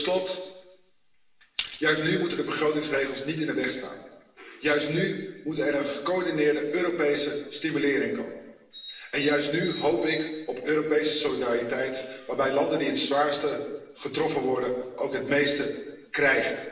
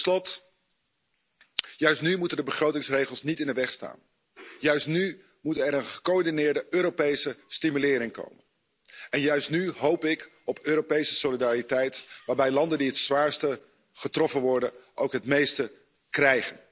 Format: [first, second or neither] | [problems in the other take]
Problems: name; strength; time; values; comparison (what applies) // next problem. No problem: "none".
second | background sound (Bird); 14 dB below the speech // room echo; dies away in 1 s